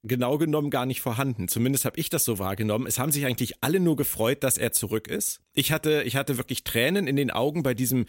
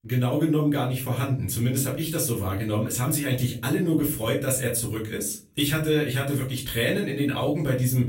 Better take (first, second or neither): first